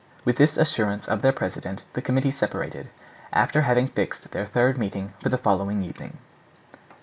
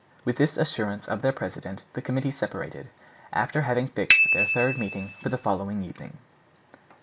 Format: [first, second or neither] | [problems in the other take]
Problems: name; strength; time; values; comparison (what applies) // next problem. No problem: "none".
first | background sound (Bicycle bell); 2 dB above the speech